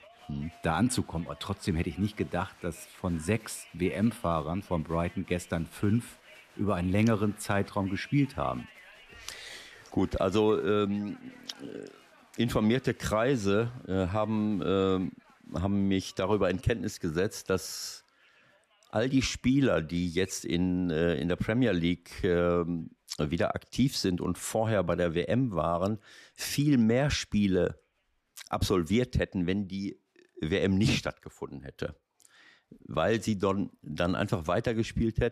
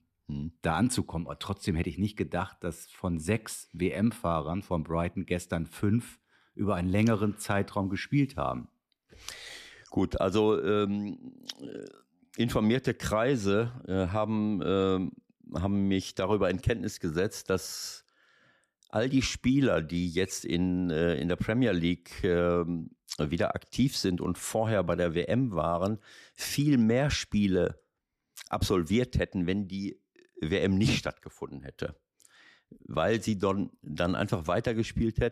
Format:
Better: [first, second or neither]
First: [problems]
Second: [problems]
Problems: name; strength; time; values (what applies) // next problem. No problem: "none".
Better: second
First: crowd noise; faint; throughout; 25 dB below the speech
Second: none